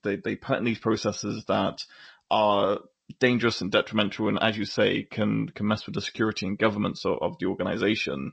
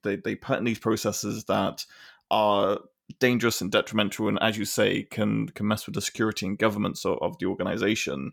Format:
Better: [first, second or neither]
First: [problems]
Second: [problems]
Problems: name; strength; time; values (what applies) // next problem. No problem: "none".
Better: second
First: garbled, watery; slightly; nothing above 7.5 kHz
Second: none